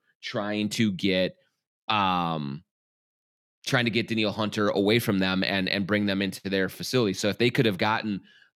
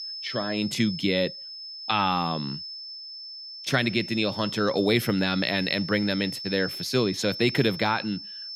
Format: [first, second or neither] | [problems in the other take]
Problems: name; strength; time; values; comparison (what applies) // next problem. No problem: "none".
first | high-pitched whine; loud; throughout; 5.5 kHz, 9 dB below the speech